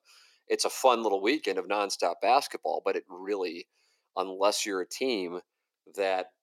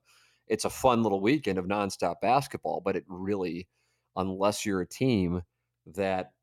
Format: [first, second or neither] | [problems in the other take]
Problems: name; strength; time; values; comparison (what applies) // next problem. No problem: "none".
second | thin; somewhat; fading below 350 Hz